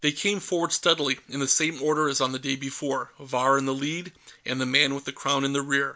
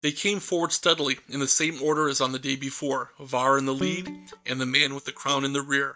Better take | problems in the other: first | noise reduction (neural mask model DeepFilterNet 3)

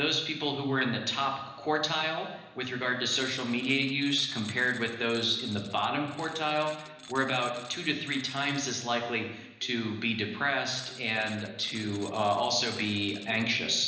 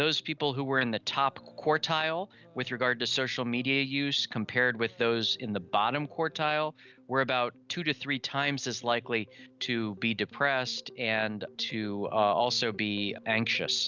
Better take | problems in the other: second | background sound (Tools); 19 dB below the speech // room echo; dies away in 1 s

